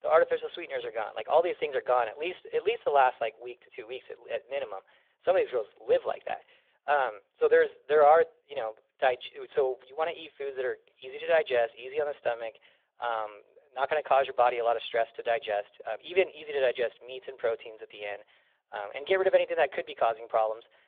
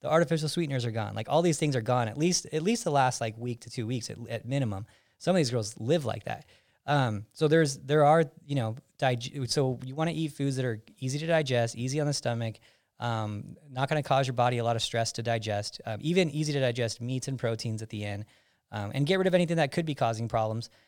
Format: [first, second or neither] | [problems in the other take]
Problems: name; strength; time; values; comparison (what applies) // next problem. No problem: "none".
second | phone-call audio